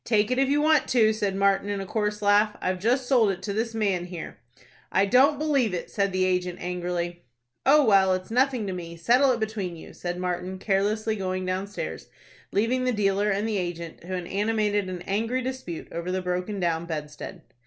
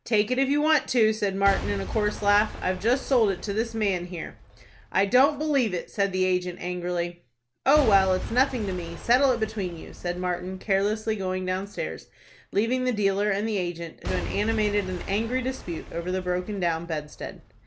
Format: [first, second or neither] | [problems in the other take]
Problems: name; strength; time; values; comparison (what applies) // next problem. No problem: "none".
first | background sound (Shatter / Crushing / Boom); 12 dB below the speech